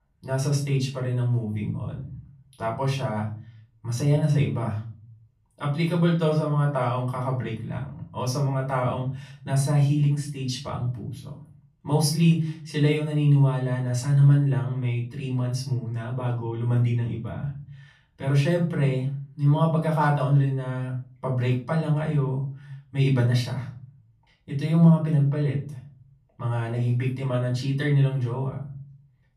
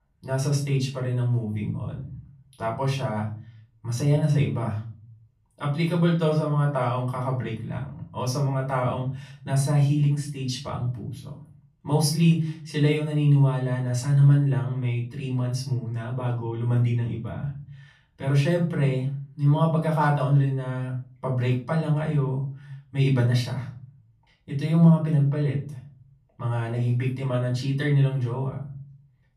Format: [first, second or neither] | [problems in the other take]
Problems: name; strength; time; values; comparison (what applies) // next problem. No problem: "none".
neither | off-mic speech; far; the same in both // room echo; slight; dies away in 0.5 s; the same in both